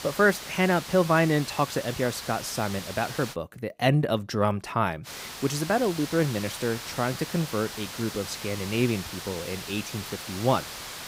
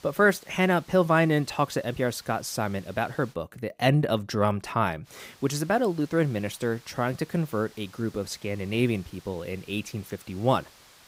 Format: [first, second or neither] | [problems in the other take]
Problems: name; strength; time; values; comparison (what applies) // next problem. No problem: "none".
second | hiss; loud; until 3.5 s and from 5 s on; 9 dB below the speech; faint in the second